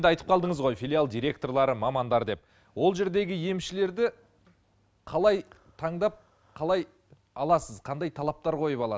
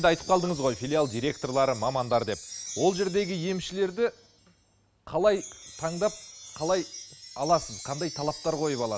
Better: first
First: none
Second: background sound (Wind chime); 15 dB below the speech

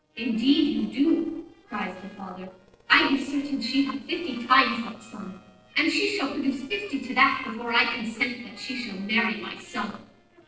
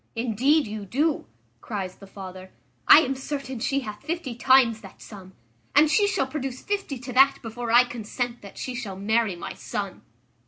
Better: second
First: noise reduction (neural separator model SepFormer DNS4)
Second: none

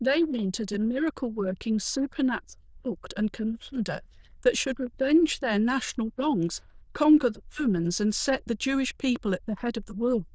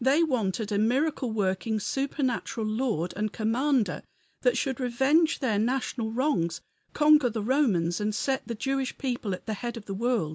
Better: second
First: noise reduction (neural diffusion model UNIVERSE++)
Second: none

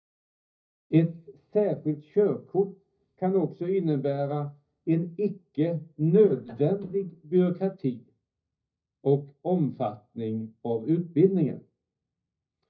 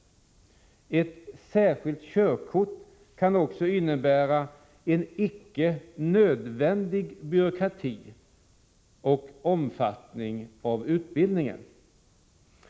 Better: second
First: noise reduction (neural mask model DeepFilterNet 3)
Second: none

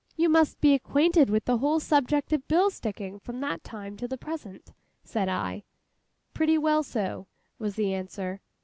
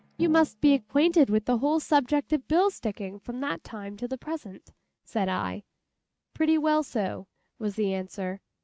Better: first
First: none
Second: noise reduction (neural mask model RNNoise)

